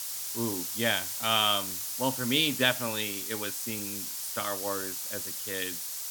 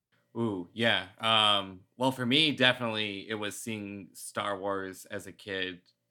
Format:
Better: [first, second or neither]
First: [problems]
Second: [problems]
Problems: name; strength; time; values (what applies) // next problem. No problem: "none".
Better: second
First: hiss; loud; throughout; 3 dB below the speech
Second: none